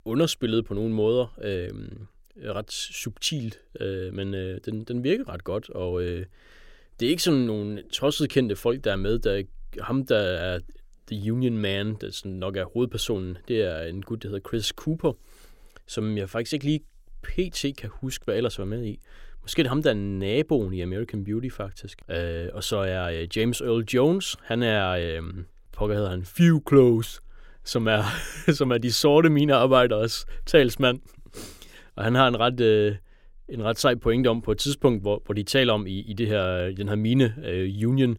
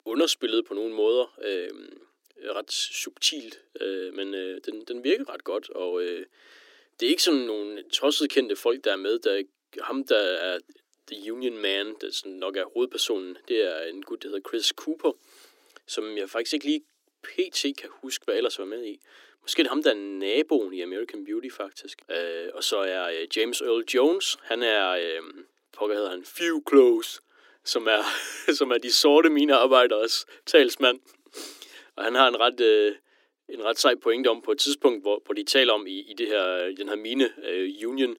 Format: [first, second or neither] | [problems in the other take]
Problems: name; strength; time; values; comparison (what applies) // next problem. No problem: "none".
first | thin; somewhat; fading below 300 Hz